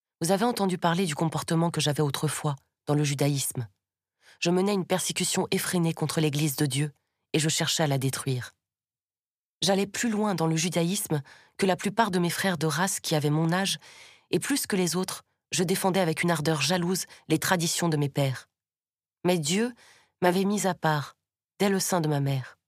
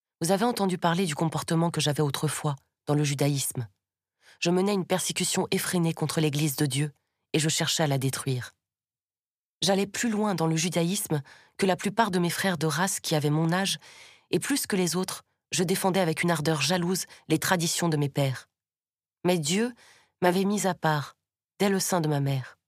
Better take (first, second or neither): neither